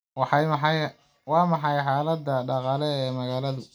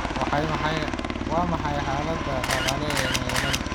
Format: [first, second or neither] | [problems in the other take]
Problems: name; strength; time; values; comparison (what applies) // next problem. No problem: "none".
first | background sound (Camera + Aircraft); 2 dB above the speech